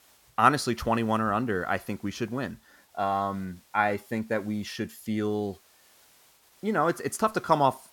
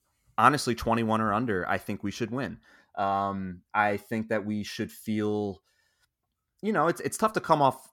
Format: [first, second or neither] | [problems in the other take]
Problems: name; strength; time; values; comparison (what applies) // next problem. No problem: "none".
second | hiss; faint; throughout; 30 dB below the speech